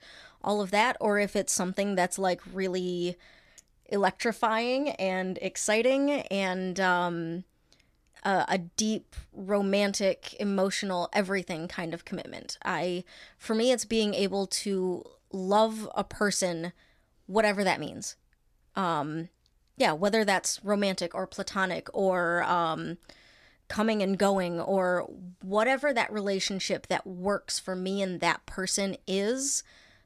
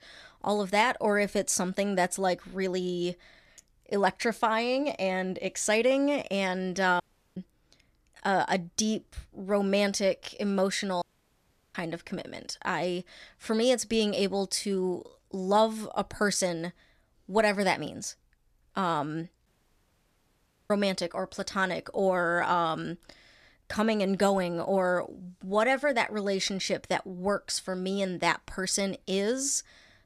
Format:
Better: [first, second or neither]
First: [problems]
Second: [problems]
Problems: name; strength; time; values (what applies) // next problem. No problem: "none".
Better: first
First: none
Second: audio cutting out; at 7 s, at 11 s for 0.5 s and at 19 s for 1 s